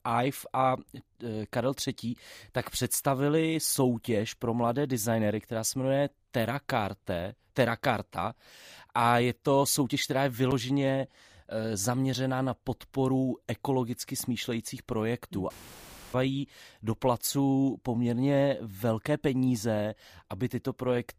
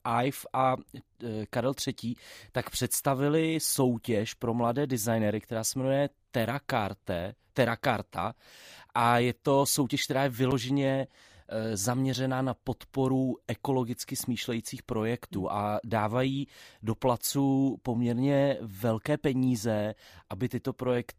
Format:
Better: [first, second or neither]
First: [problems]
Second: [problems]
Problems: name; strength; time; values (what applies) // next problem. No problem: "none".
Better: second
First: audio cutting out; filled with static; at 16 s for 0.5 s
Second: none